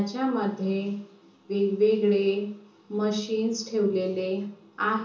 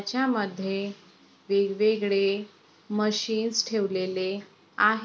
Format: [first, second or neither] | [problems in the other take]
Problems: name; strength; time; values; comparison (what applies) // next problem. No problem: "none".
second | room echo; dies away in 0.8 s